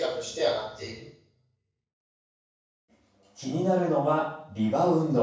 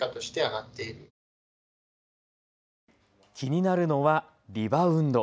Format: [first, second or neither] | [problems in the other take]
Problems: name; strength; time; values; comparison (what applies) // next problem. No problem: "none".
second | room echo; dies away in 0.7 s